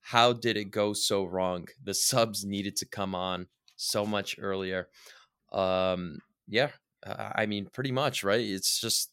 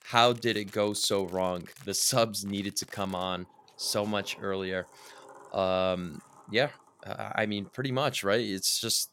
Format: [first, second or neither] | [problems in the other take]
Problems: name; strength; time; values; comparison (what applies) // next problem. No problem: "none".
first | household noises; faint; throughout; 25 dB below the speech